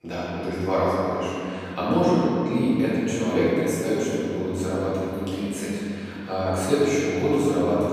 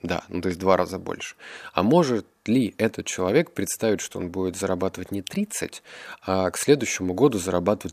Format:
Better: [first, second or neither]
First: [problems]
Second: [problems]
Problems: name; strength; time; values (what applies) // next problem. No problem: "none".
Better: second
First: room echo; strong; dies away in 3 s // off-mic speech; far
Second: none